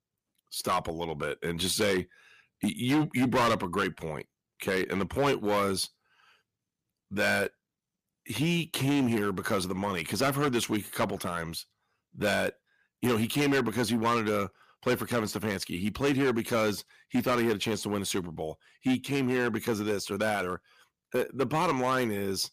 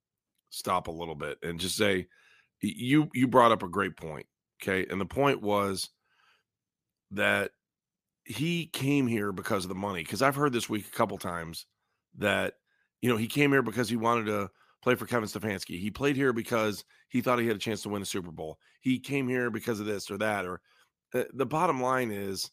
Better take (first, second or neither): second